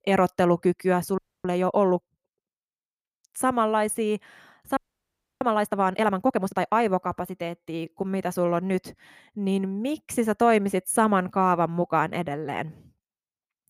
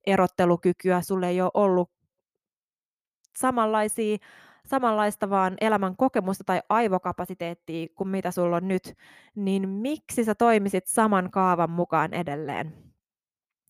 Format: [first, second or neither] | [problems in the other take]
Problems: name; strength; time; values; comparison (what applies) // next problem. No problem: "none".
second | audio freezing; at 1 s and at 5 s for 0.5 s